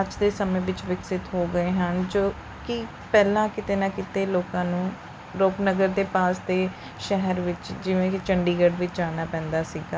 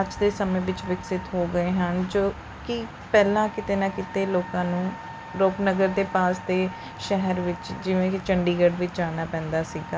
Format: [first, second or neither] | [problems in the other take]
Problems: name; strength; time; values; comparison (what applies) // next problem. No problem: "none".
first | background sound (Wind instrument, woodwind instrument); 19 dB below the speech